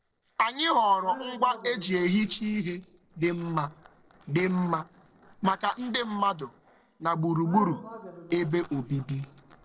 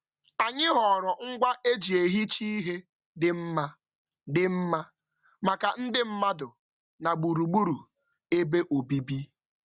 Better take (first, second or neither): second